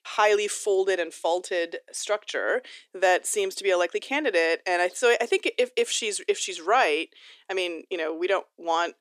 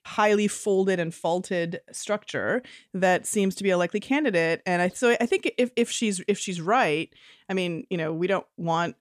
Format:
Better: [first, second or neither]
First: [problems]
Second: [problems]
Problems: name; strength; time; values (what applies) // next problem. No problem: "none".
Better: second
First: thin; very; fading below 350 Hz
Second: none